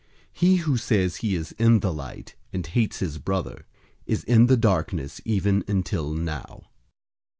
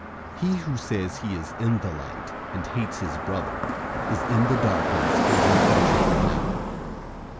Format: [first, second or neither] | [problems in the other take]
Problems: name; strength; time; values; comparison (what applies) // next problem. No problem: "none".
first | background sound (Car passing by); 3 dB above the speech